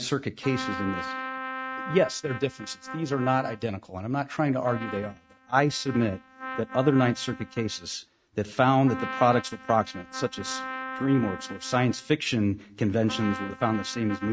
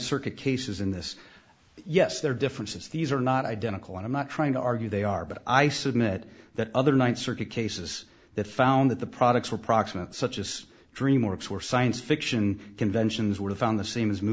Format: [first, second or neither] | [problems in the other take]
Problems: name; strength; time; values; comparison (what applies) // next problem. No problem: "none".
second | noise reduction (neural mask model RNNoise)